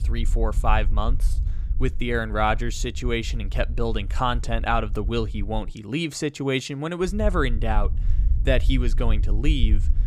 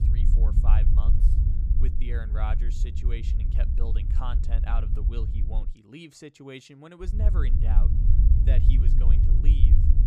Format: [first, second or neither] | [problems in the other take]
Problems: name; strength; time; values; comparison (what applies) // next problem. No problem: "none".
first | low rumble; loud; until 5.5 s and from 7 s on; 1 dB below the speech; faint in the first